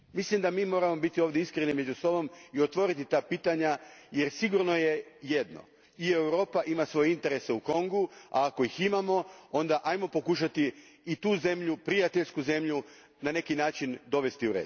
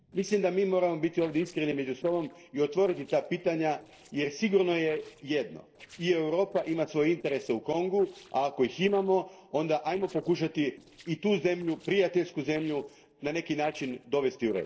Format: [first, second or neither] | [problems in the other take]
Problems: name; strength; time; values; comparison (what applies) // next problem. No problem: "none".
first | noise reduction (neural separator model SepFormer DNS4)